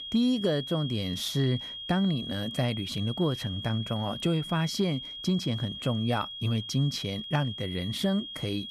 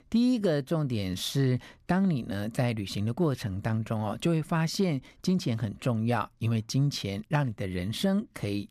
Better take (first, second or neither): second